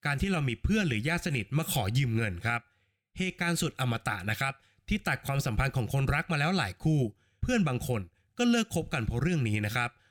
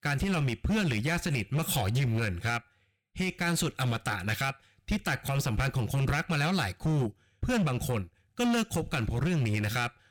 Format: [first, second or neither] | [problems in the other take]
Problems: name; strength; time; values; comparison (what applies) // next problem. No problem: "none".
first | distortion; slight; 14% of the sound clipped